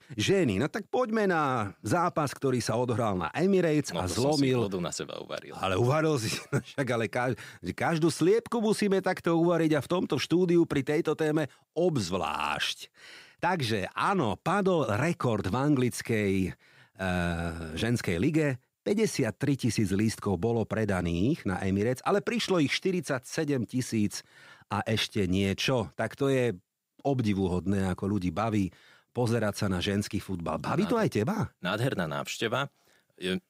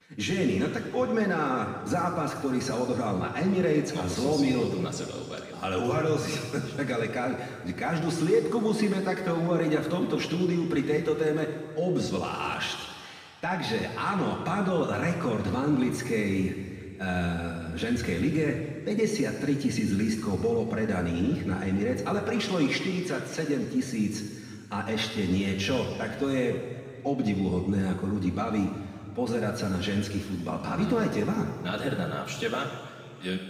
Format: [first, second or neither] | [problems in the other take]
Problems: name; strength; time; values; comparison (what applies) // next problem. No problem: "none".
first | room echo; noticeable; dies away in 2.1 s // off-mic speech; far